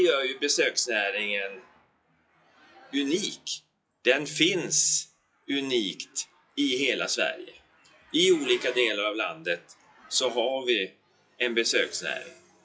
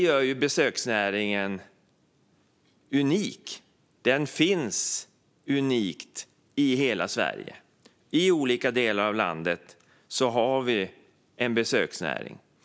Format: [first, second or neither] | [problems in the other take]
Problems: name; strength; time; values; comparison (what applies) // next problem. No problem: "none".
second | noise reduction (classical method WPE with log-MMSE)